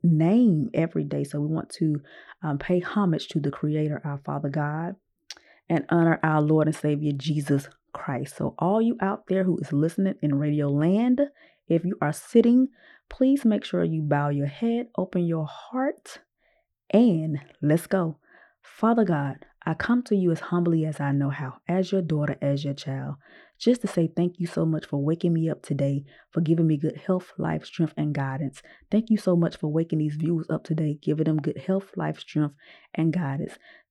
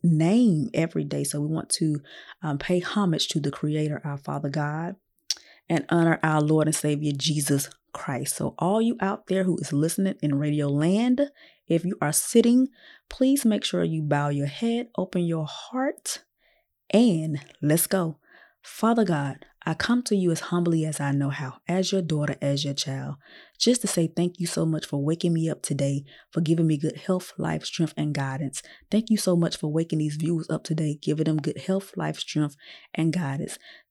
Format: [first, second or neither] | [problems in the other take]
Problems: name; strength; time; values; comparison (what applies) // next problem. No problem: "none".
second | muffled; slightly; fading above 3 kHz